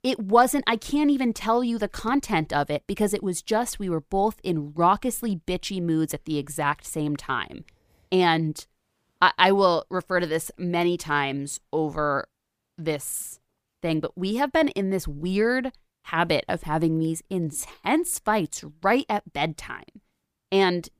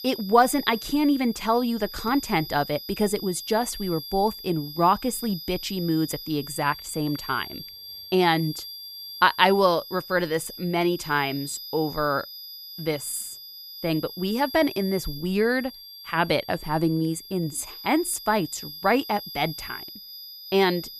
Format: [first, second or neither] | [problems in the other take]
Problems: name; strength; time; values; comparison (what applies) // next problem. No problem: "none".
first | high-pitched whine; noticeable; throughout; 5 kHz, 10 dB below the speech